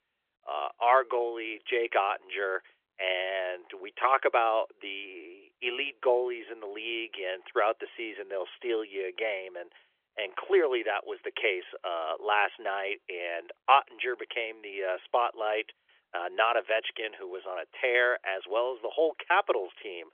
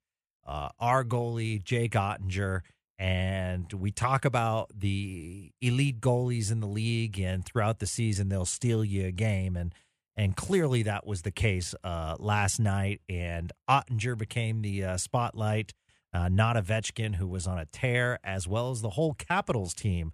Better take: second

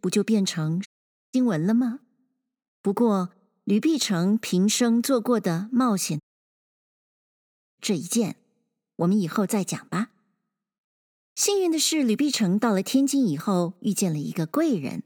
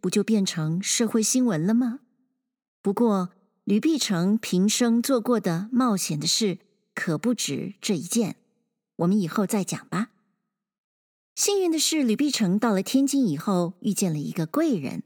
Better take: second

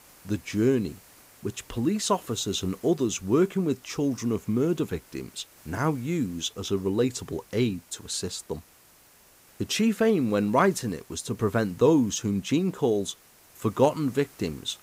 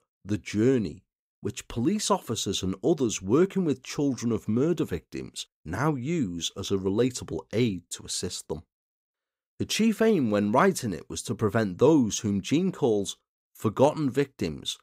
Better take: second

